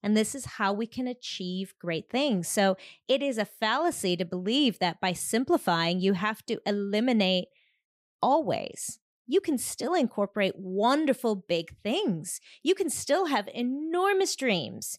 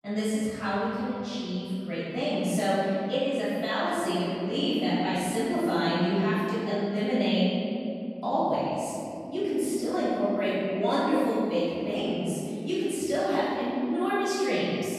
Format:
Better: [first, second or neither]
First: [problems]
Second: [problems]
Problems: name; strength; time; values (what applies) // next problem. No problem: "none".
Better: first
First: none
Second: off-mic speech; far // room echo; strong; dies away in 3 s